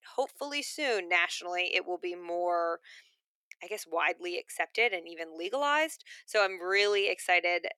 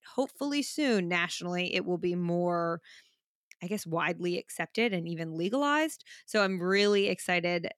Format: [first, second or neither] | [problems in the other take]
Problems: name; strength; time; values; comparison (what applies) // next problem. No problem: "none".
second | thin; very; fading below 400 Hz